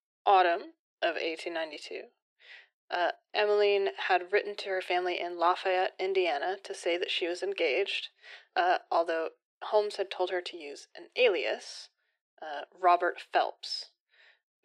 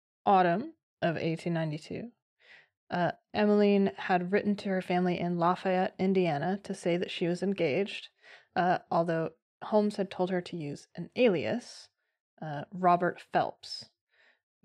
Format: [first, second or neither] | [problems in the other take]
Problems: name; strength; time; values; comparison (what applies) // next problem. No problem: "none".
second | thin; very; fading below 350 Hz